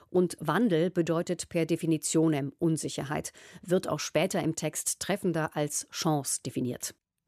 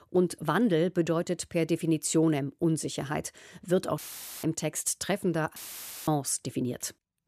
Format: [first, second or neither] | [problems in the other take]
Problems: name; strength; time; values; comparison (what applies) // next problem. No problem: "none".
first | audio cutting out; filled with static; at 4 s and at 5.5 s for 0.5 s